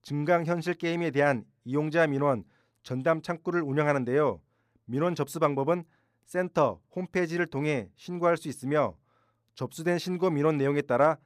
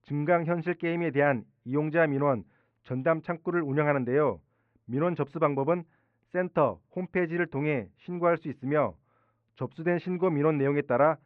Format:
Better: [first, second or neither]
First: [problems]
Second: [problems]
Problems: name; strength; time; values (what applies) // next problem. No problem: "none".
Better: first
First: none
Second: muffled; very; fading above 2.5 kHz